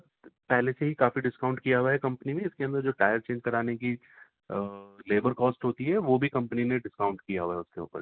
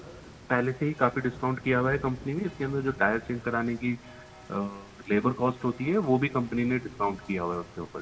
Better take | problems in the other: first | background sound (Rain); 18 dB below the speech // room echo; dies away in 0.3 s

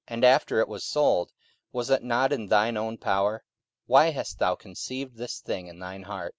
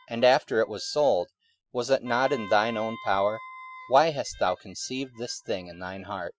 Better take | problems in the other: first | noise reduction (classical method Wiener filter)

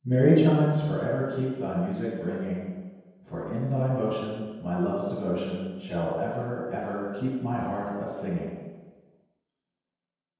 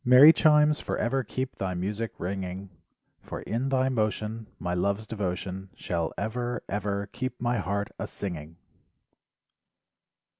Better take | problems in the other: second | room echo; dies away in 1.2 s

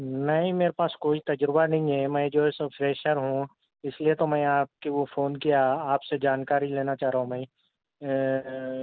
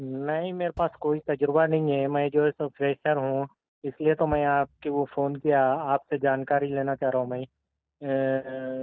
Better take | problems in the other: first | noise reduction (neural mask model DeepFilterNet 3)

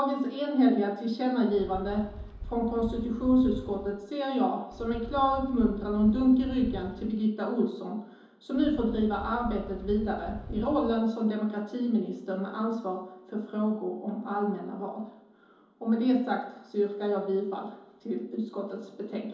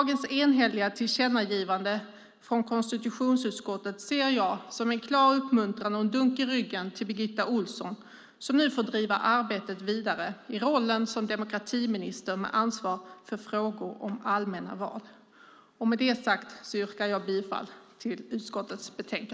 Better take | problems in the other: second | background sound (Wind); 12 dB below the speech // room echo; dies away in 2.8 s

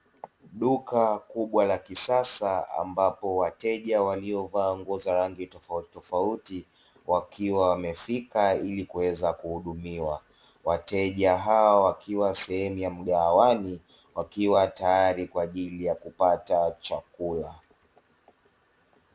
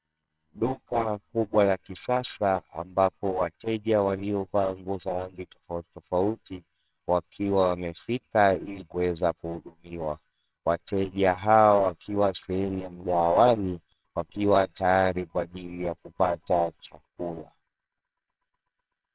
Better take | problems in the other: first | noise reduction (neural separator model SepFormer WHAMR!)

